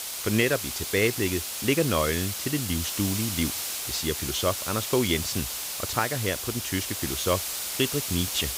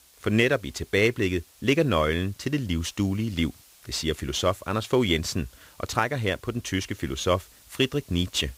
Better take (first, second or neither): second